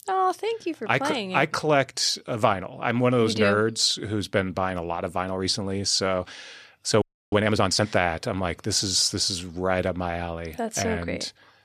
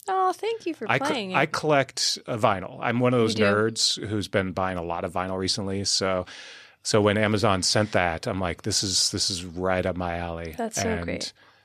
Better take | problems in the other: second | audio freezing; at 7 s

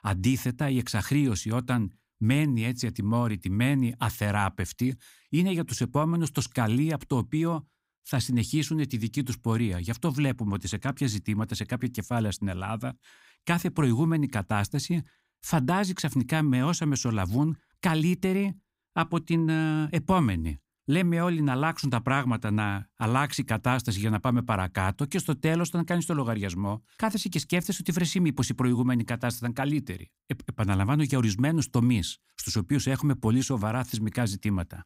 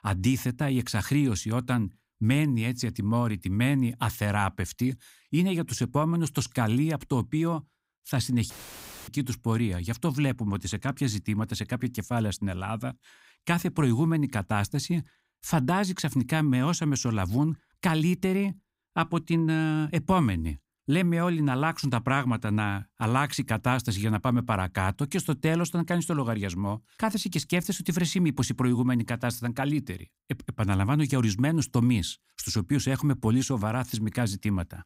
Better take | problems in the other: first | audio cutting out; filled with static; at 8.5 s for 0.5 s

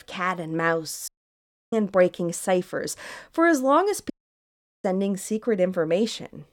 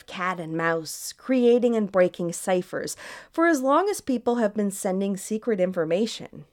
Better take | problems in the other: second | audio cutting out; at 1 s for 0.5 s and at 4 s for 0.5 s

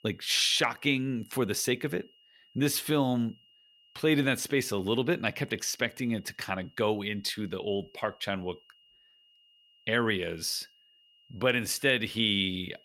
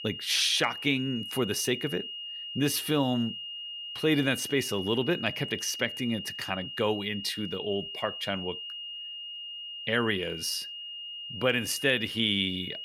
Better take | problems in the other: first | high-pitched whine; loud; throughout; 3 kHz, 8 dB below the speech; faint in the first

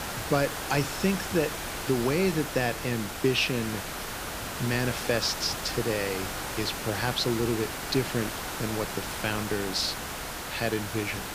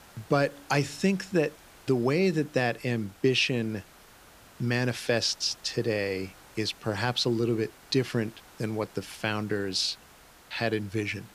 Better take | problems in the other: second | hiss; loud; throughout; 4 dB below the speech; faint in the second

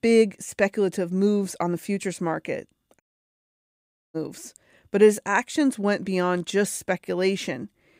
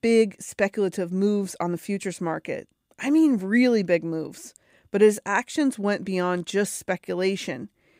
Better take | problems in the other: second | audio cutting out; at 3 s for 1 s

